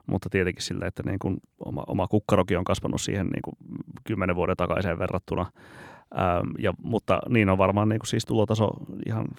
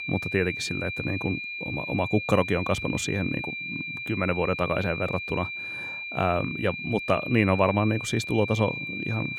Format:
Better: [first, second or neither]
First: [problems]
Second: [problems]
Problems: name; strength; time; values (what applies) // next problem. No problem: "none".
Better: first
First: none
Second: high-pitched whine; loud; throughout; 2.5 kHz, 5 dB below the speech